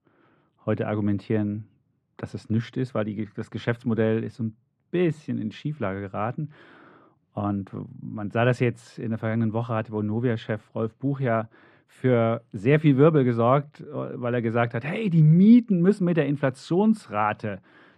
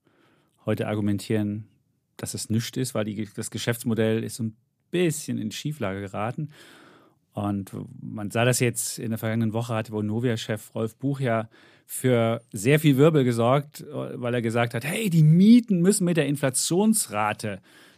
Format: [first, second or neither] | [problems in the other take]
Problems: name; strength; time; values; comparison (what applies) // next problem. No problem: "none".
second | muffled; very; fading above 2 kHz